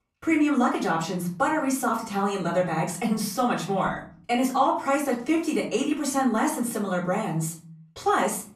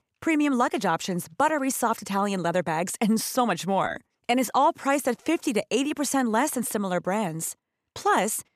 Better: second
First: off-mic speech; far // room echo; slight; dies away in 0.5 s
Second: none

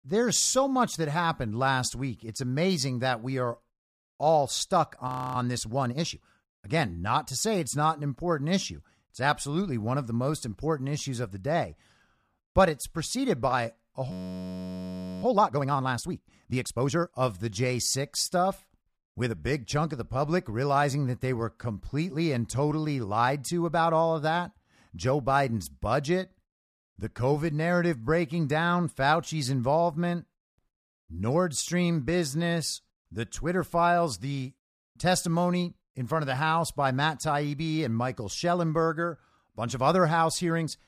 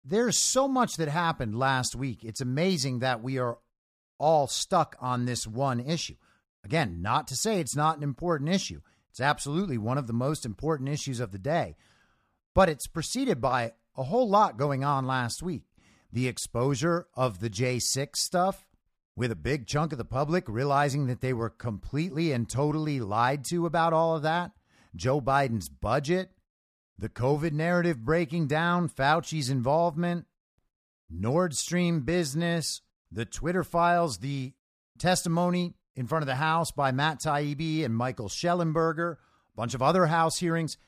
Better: second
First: audio freezing; at 5 s and at 14 s for 1 s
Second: none

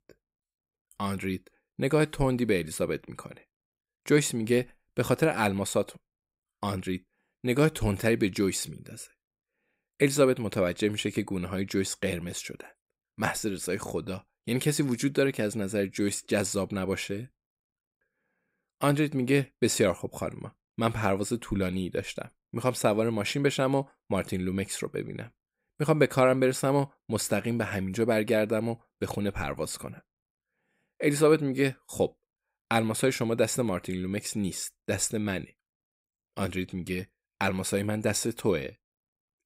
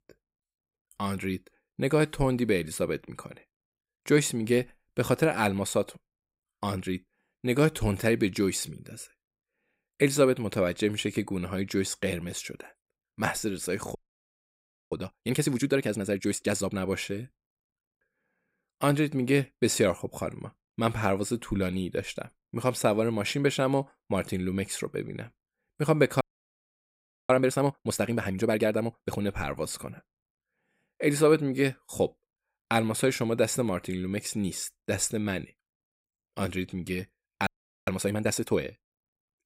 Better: first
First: none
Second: audio freezing; at 14 s for 1 s, at 26 s for 1 s and at 37 s

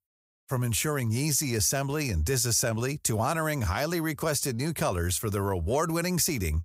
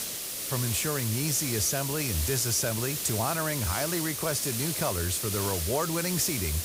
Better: first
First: none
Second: hiss; loud; throughout; 1 dB below the speech

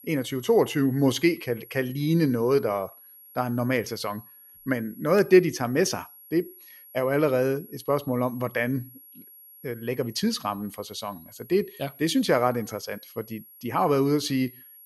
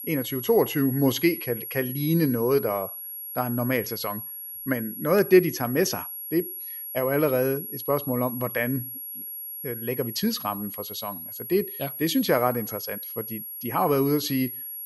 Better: first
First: high-pitched whine; faint; throughout; 11.5 kHz, 20 dB below the speech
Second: high-pitched whine; loud; throughout; 11.5 kHz, 8 dB below the speech

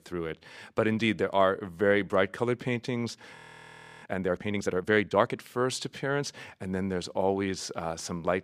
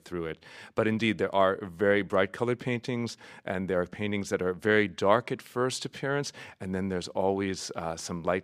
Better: second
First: audio freezing; at 3.5 s for 0.5 s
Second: none

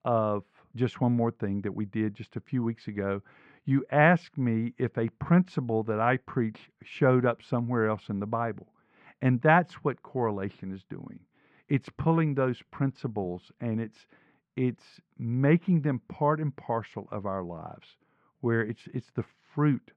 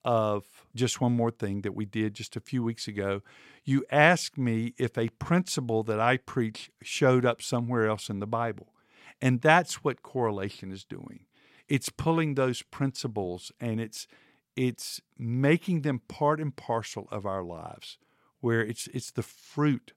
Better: second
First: muffled; very; fading above 1.5 kHz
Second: none

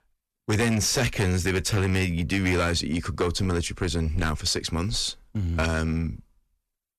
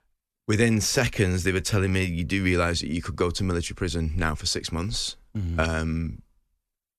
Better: second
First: distortion; slight; 8% of the sound clipped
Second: none

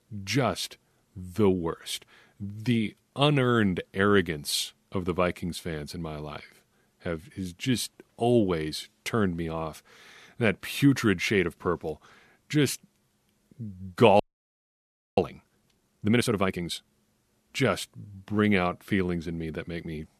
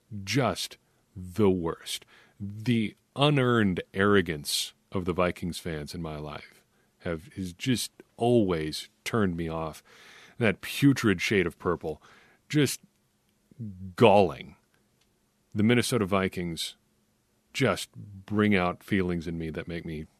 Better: second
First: audio freezing; at 14 s for 1 s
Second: none

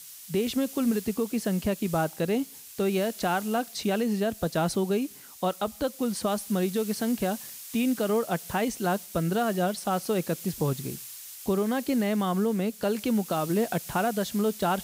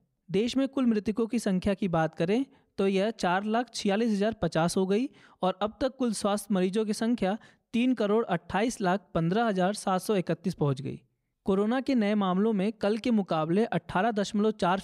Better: second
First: hiss; noticeable; throughout; 15 dB below the speech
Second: none

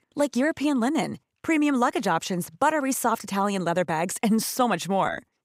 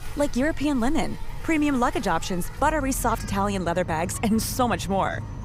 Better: first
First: none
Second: animal sounds; noticeable; throughout; 10 dB below the speech

